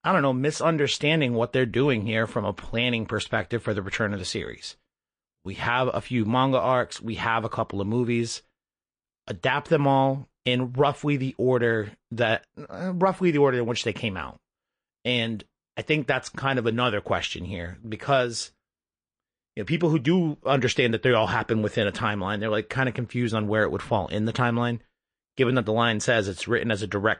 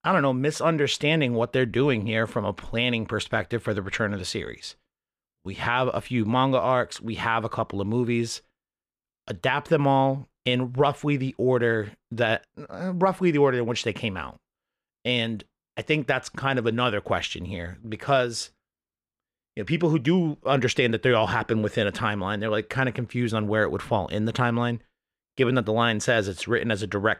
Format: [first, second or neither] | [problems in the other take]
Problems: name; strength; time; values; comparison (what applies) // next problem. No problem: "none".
second | garbled, watery; slightly; nothing above 9 kHz